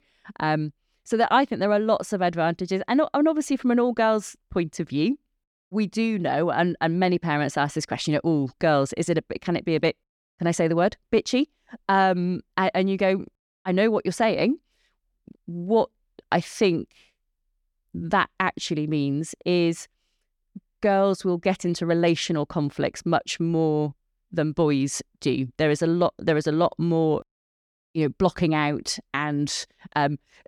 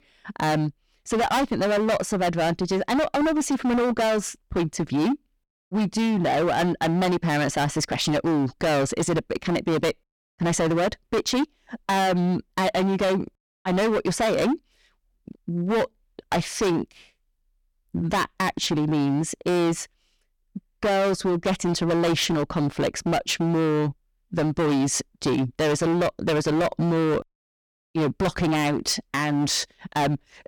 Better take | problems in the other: first | distortion; heavy; 23% of the sound clipped

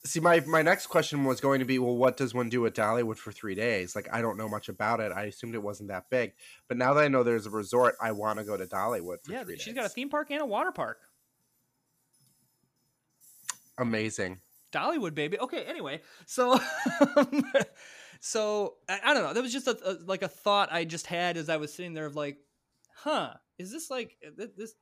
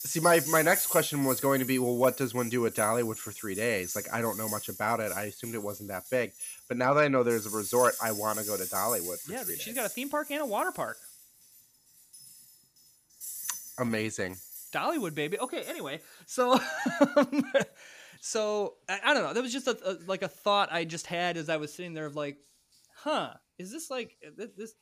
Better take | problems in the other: first | household noises; loud; throughout; 6 dB below the speech; faint in the first

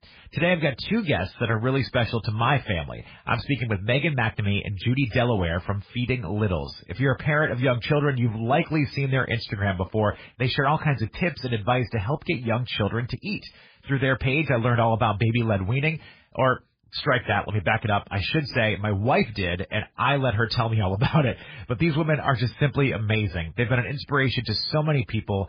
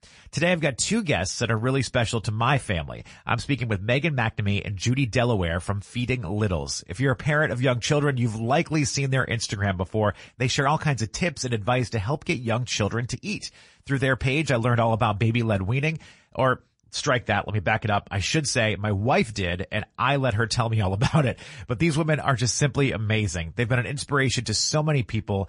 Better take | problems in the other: second | garbled, watery; badly; nothing above 4 kHz; slightly in the second

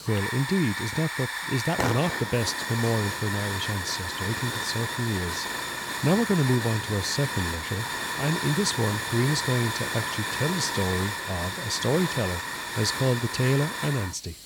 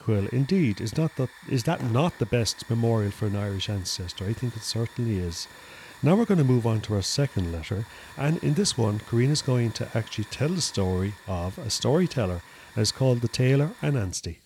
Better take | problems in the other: second | hiss; loud; throughout; 2 dB below the speech; faint in the second

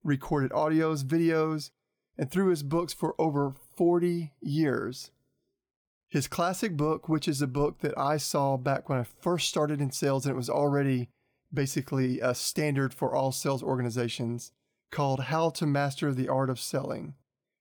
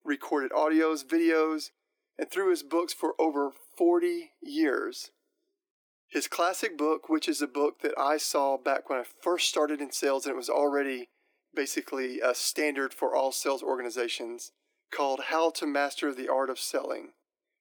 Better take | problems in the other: first | thin; somewhat; fading below 300 Hz

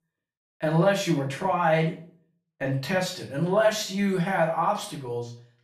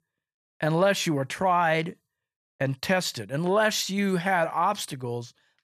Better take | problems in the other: second | off-mic speech; far // room echo; slight; dies away in 0.4 s

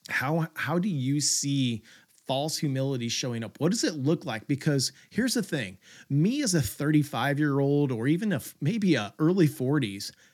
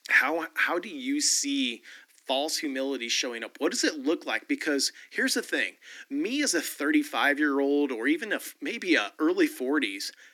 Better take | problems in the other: first | thin; somewhat; fading below 250 Hz

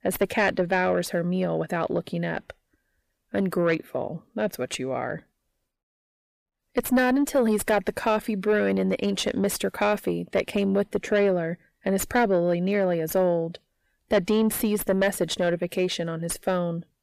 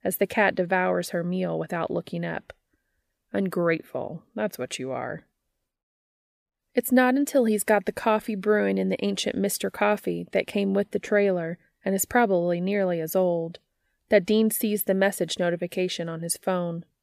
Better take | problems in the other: second | distortion; slight; 10 dB below the speech

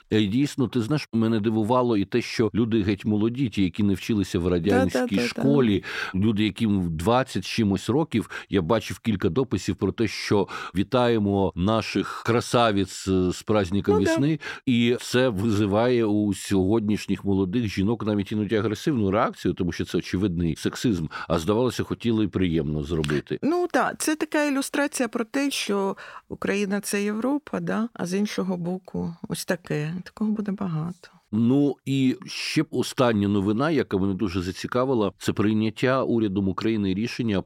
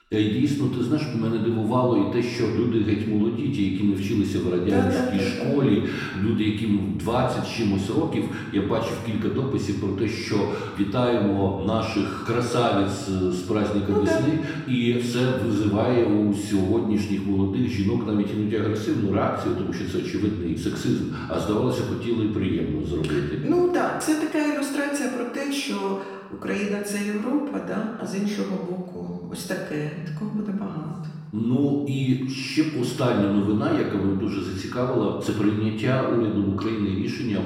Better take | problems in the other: first | room echo; noticeable; dies away in 1.1 s // off-mic speech; far

